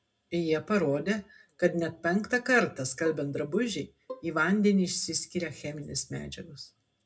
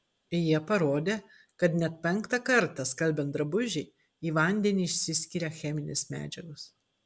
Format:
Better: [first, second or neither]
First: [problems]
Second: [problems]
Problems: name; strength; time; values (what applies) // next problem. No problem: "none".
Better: second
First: background sound (Bowed string instrument); 17 dB below the speech // room echo; dies away in 0.2 s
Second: none